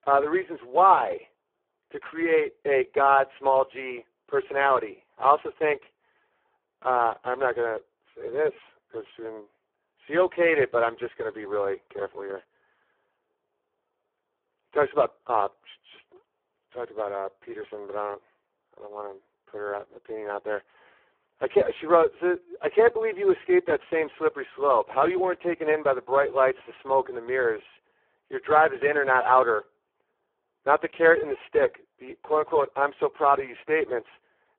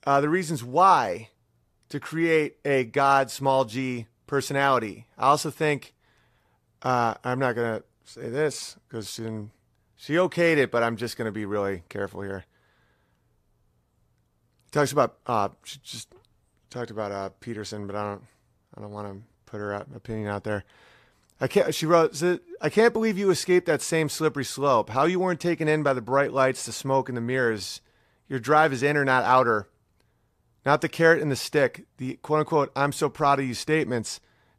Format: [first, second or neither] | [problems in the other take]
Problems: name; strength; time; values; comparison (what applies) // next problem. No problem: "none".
second | phone-call audio; poor line